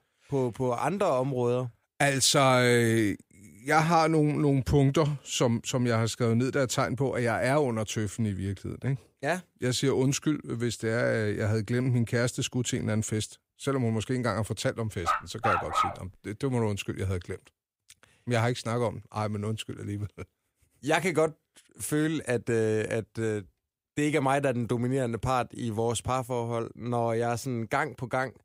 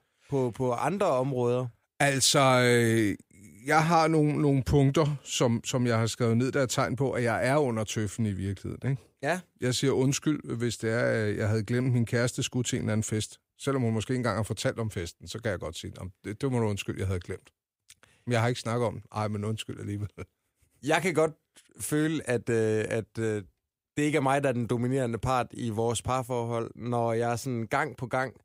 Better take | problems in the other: second | dog barking; loud; at 15 s; peak 2 dB above the speech

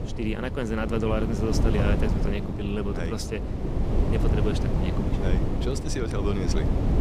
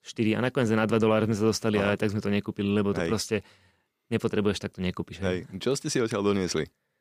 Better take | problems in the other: second | wind noise on the microphone; heavy; 2 dB below the speech

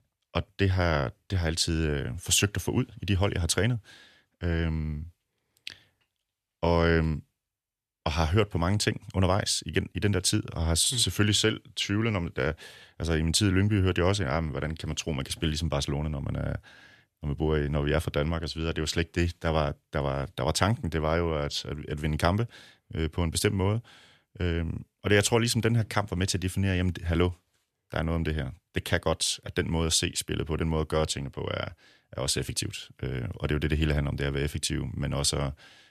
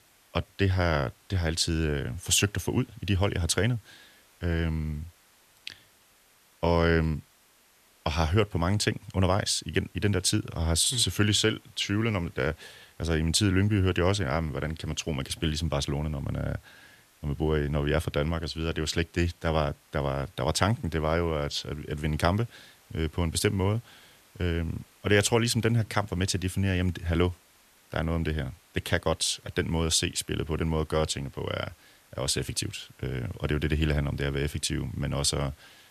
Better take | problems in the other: first | hiss; faint; throughout; 30 dB below the speech

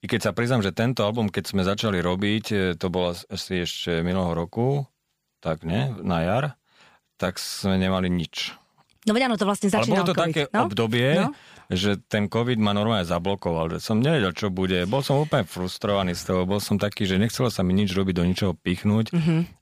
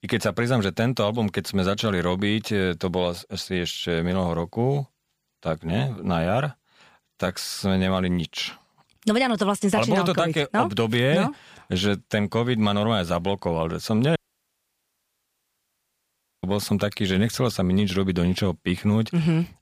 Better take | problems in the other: first | audio cutting out; at 14 s for 2.5 s

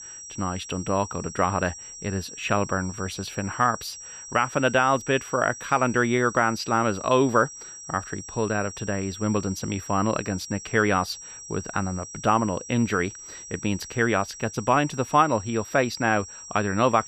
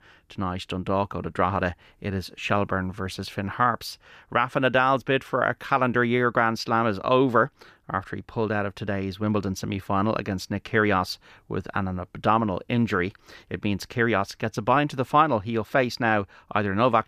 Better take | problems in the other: second | high-pitched whine; noticeable; throughout; 5.5 kHz, 15 dB below the speech

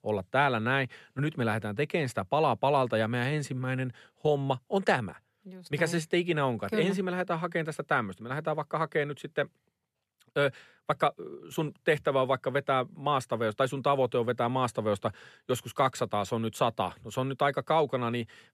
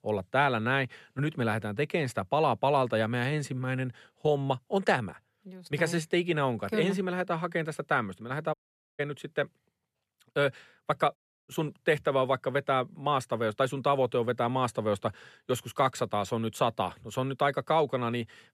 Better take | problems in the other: first | audio cutting out; at 8.5 s and at 11 s

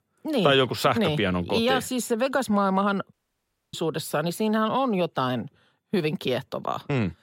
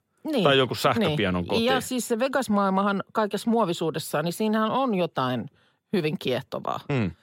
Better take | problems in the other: second | audio cutting out; at 3 s for 0.5 s

